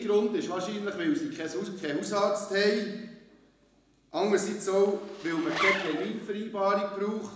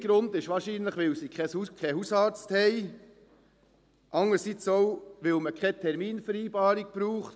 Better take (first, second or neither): second